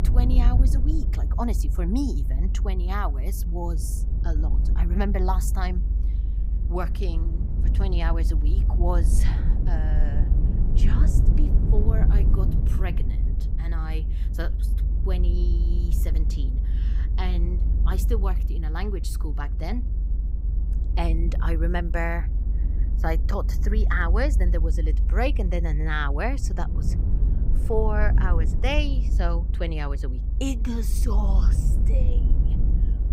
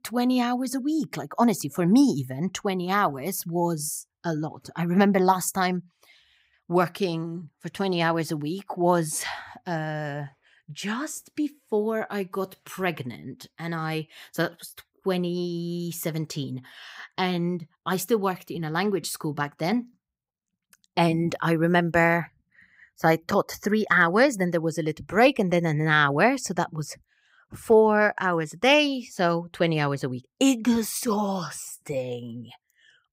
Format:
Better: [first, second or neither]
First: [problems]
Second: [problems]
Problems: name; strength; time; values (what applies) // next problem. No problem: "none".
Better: second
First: low rumble; loud; throughout; 9 dB below the speech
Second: none